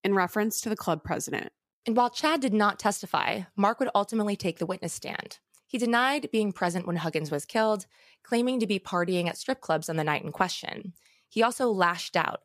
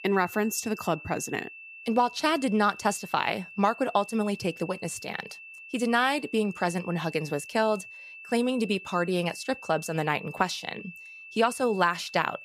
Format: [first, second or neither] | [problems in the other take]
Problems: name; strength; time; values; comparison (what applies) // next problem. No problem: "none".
first | high-pitched whine; noticeable; throughout; 2.5 kHz, 15 dB below the speech